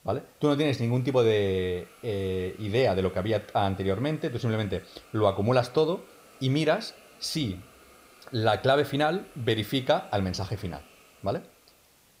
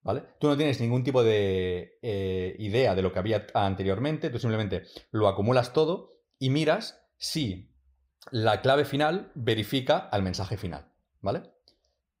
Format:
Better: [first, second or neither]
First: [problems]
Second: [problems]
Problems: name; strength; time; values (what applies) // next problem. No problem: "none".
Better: second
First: hiss; faint; throughout; 25 dB below the speech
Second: none